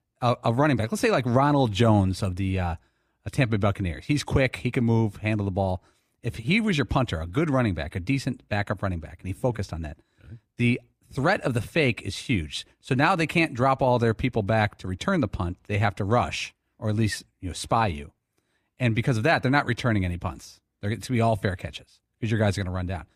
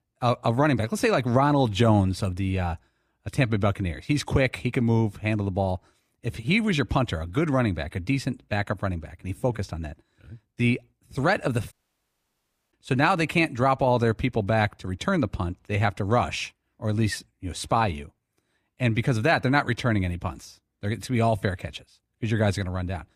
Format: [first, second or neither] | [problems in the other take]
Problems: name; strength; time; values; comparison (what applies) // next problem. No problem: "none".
first | audio cutting out; at 12 s for 1 s